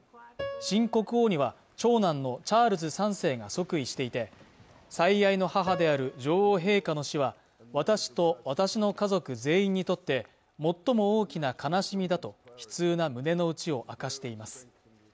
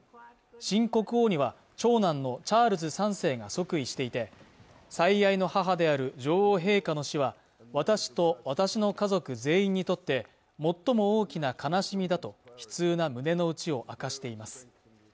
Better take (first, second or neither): second